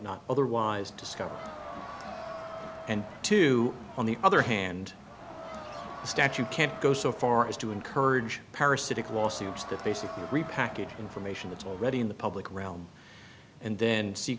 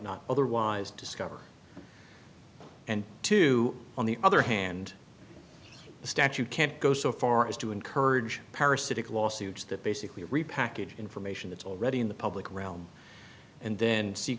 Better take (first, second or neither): second